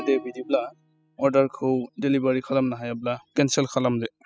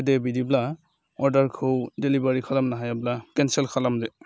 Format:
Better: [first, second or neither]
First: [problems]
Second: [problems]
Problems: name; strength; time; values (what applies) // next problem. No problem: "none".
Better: second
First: noise reduction (classical method spectral subtraction)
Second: none